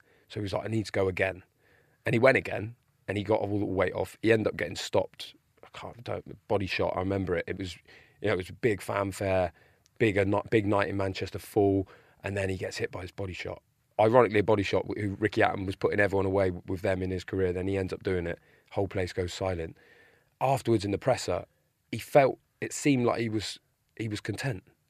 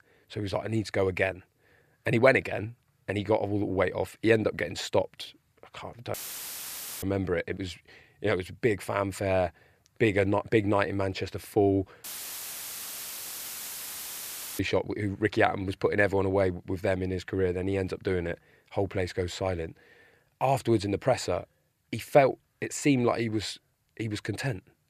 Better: first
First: none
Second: audio cutting out; filled with static; at 6 s for 1 s and at 12 s for 2.5 s

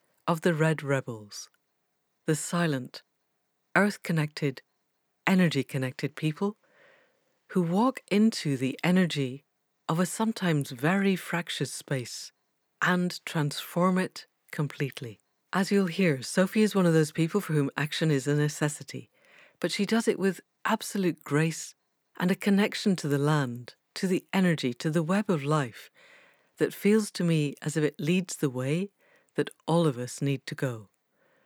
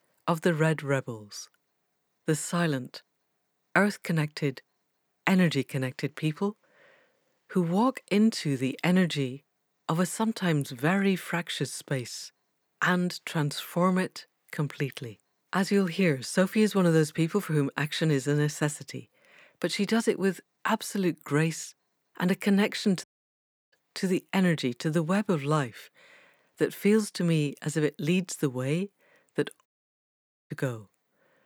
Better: first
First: none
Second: audio cutting out; at 23 s for 0.5 s and at 30 s for 1 s

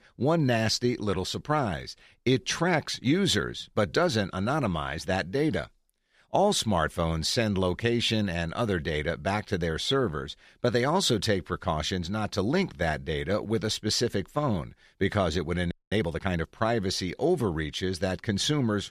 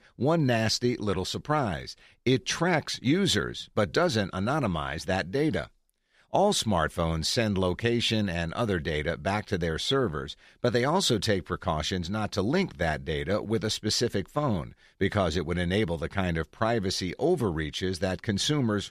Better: second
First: audio freezing; at 16 s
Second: none

